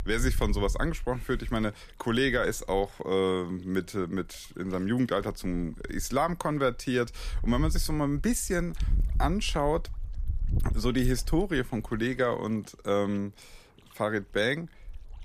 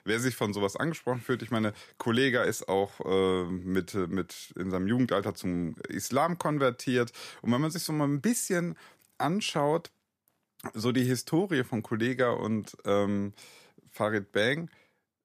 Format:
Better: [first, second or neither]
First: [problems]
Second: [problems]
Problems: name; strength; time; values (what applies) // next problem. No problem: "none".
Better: second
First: wind noise on the microphone; occasional gusts; 25 dB below the speech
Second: none